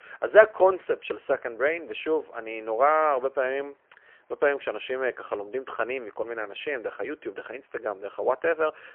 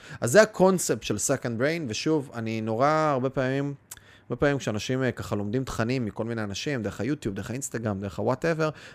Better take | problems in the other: second | phone-call audio; poor line; nothing above 3 kHz

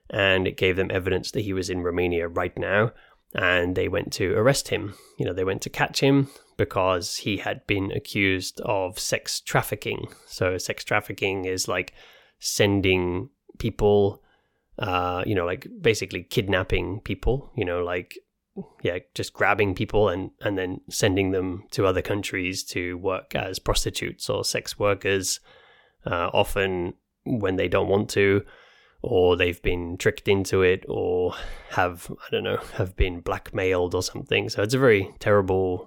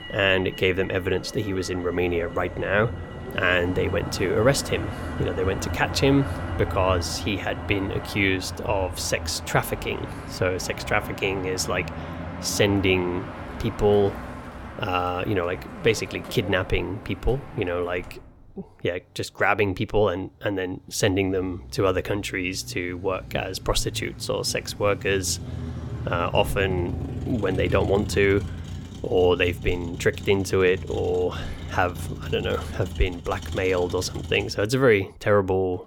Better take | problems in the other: first | traffic noise; noticeable; throughout; 10 dB below the speech

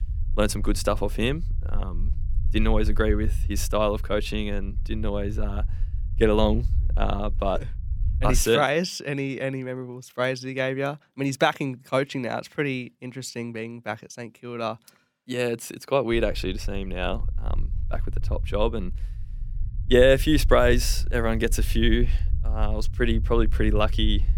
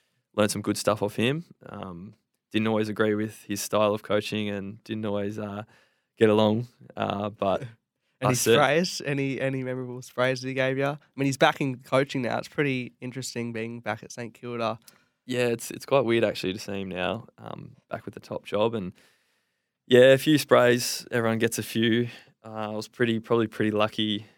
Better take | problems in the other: second | low rumble; faint; until 8.5 s and from 16 s on; 25 dB below the speech

